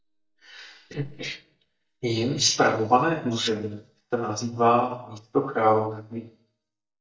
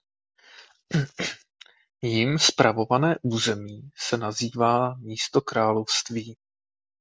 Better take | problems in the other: second | noise reduction (neural mask model DeepFilterNet 3)

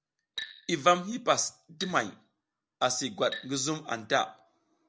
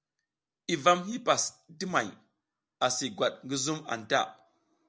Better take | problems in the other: second | background sound (Glass); 16 dB below the speech

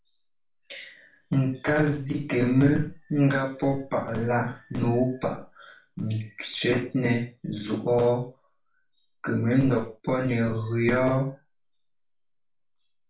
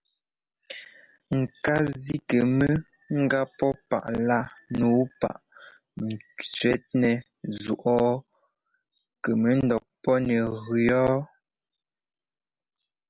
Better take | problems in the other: second | room echo; dies away in 0.3 s

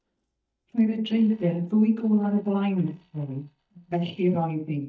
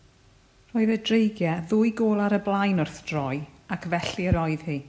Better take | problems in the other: second | noise reduction (neural mask model DeepFilterNet 3)

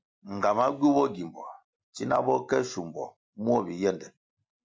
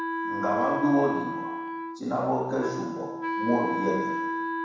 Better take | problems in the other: first | background sound (Wind instrument, woodwind instrument); 3 dB below the speech // room echo; dies away in 1.1 s

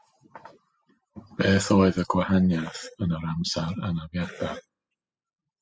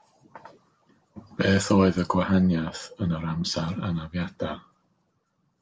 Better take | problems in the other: second | noise reduction (classical method spectral subtraction)

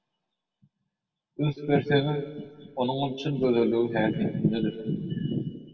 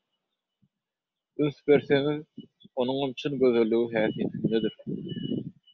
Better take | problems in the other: second | room echo; dies away in 1.6 s

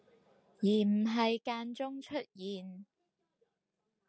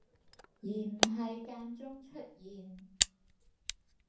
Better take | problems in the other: first | background sound (Camera); 4 dB above the speech // room echo; dies away in 0.5 s

